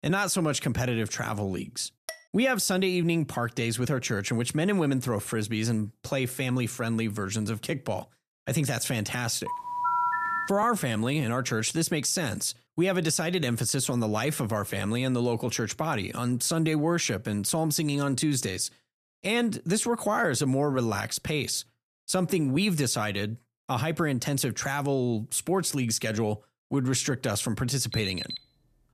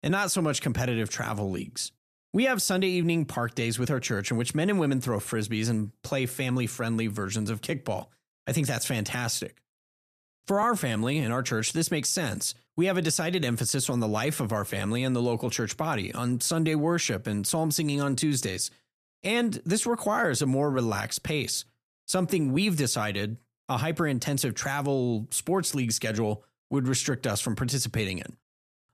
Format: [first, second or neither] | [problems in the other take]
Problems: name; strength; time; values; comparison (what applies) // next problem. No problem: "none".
second | clattering dishes; faint; at 2 s; peak 15 dB below the speech // phone ringing; loud; from 9.5 to 10 s; peak 2 dB above the speech // alarm; noticeable; at 28 s; peak 6 dB below the speech